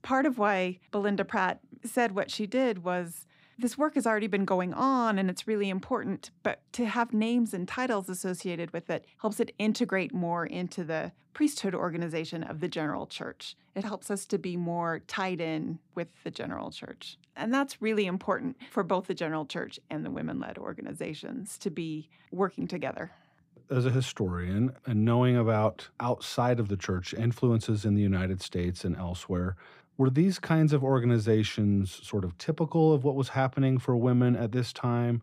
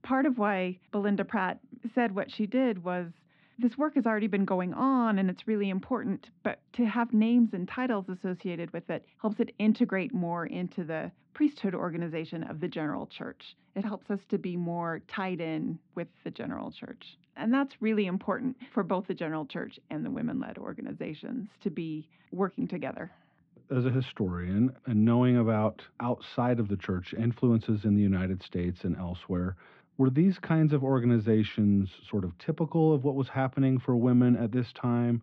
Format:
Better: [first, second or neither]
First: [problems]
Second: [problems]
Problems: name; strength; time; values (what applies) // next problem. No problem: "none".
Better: first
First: none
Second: muffled; slightly; fading above 3.5 kHz